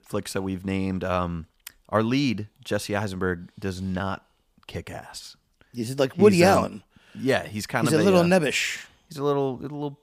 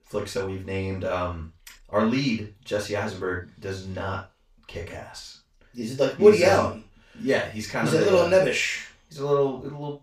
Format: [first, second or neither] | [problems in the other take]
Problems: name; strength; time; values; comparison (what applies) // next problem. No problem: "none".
first | room echo; noticeable; dies away in 0.2 s // off-mic speech; far